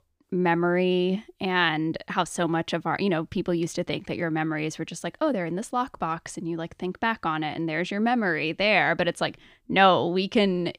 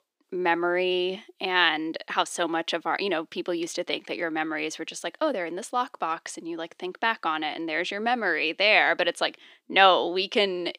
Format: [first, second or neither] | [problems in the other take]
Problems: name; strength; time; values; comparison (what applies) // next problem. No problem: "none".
first | thin; somewhat; fading below 350 Hz